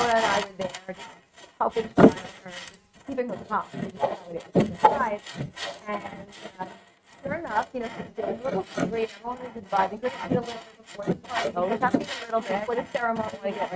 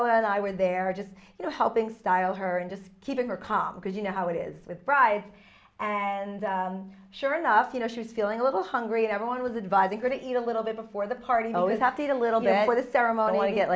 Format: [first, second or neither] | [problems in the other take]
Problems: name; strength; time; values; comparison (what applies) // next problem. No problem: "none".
second | noise reduction (neural mask model RNNoise)